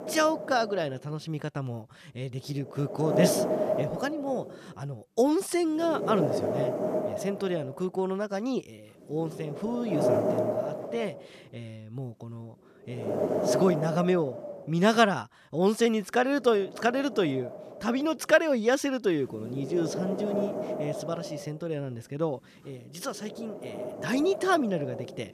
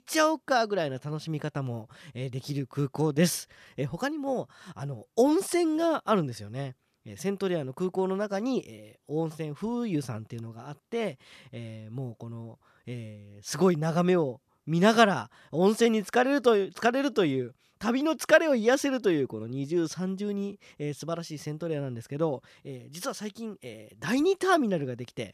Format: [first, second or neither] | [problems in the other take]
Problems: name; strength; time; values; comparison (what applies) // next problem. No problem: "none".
second | wind noise on the microphone; heavy; 3 dB below the speech